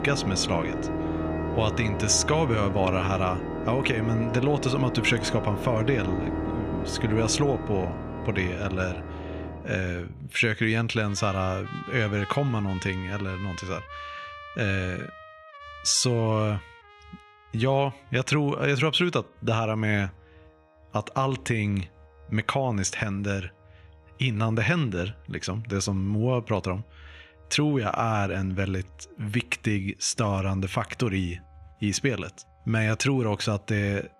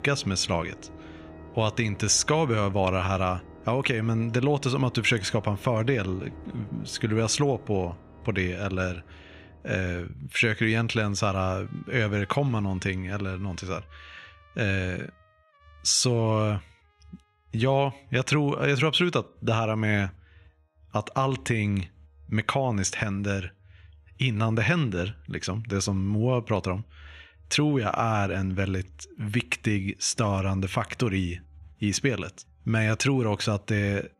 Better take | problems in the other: second | background music; loud; throughout; 7 dB below the speech; faint in the second

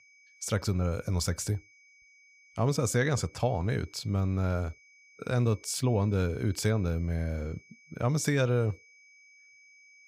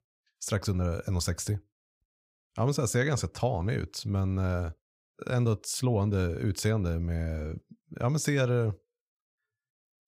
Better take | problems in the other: second | high-pitched whine; faint; throughout; 2.5 kHz, 25 dB below the speech

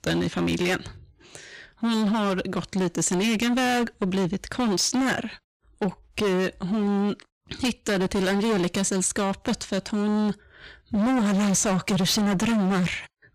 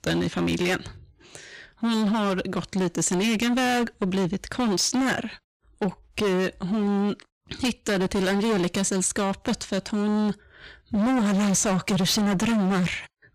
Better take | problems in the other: neither | distortion; heavy; 24% of the sound clipped; the same in both

